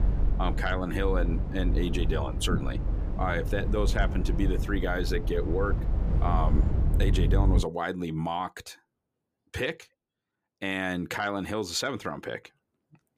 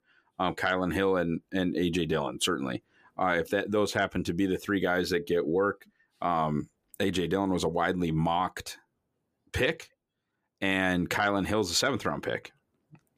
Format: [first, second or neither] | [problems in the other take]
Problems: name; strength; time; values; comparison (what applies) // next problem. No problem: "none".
second | low rumble; noticeable; until 7.5 s; 10 dB below the speech